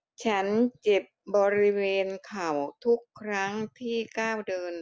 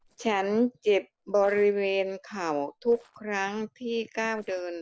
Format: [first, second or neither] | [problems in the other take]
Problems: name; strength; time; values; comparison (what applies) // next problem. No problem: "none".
first | noise reduction (neural separator model SepFormer DNS4)